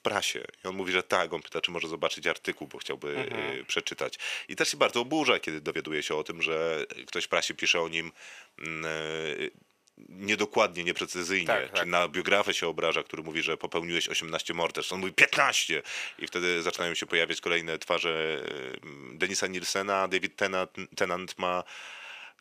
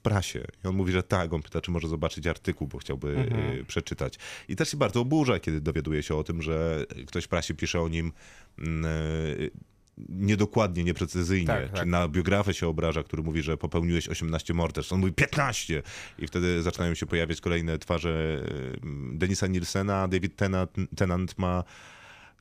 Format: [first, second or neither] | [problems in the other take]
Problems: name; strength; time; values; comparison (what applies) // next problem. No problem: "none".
second | thin; very; fading below 450 Hz